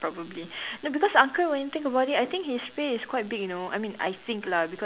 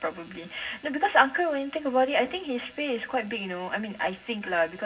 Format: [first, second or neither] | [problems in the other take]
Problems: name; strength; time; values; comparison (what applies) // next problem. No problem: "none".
first | room echo; dies away in 0.4 s